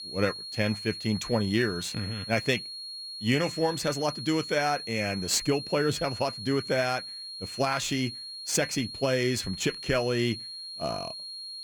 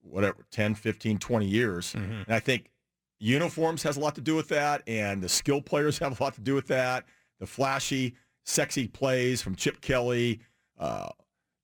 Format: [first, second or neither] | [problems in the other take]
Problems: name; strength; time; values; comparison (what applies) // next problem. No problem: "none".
second | high-pitched whine; loud; throughout; 4.5 kHz, 8 dB below the speech